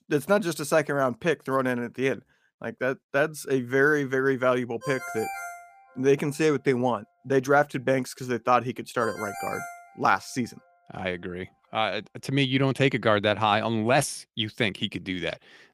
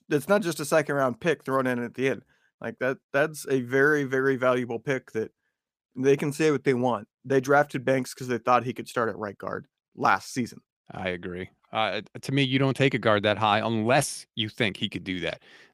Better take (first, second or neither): second